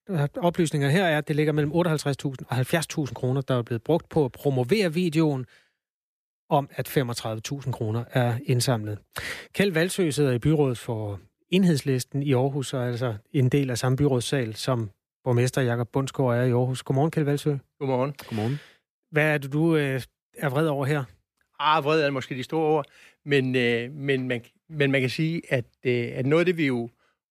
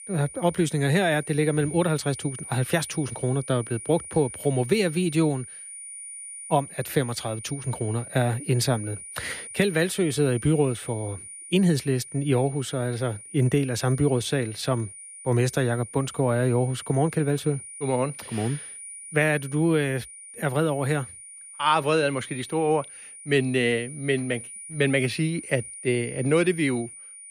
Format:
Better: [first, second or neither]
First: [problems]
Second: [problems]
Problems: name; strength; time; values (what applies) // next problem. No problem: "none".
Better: first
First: none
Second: high-pitched whine; noticeable; throughout; 9.5 kHz, 15 dB below the speech